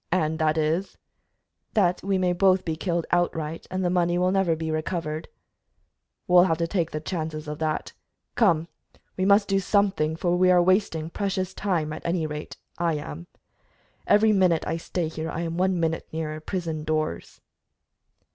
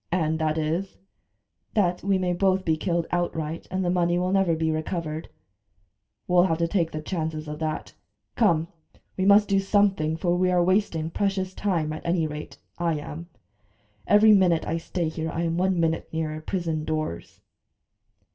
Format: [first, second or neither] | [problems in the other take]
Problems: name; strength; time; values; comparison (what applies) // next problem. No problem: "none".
first | room echo; dies away in 0.2 s